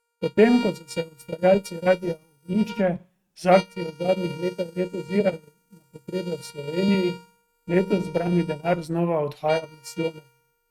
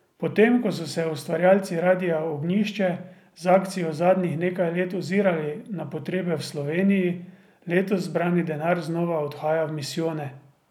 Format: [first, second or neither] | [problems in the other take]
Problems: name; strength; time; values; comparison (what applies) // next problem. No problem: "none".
second | noise reduction (neural mask model RNNoise)